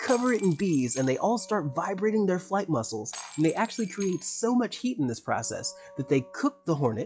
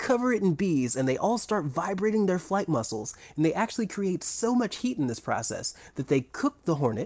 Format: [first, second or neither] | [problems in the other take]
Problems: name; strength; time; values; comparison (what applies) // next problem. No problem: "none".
second | noise reduction (classical method log-MMSE)